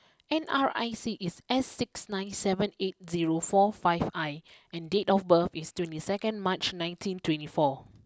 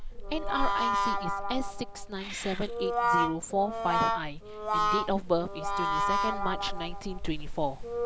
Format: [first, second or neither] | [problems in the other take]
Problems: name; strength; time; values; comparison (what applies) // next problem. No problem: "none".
first | background sound (Brass instrument + Meow / Purr); 4 dB above the speech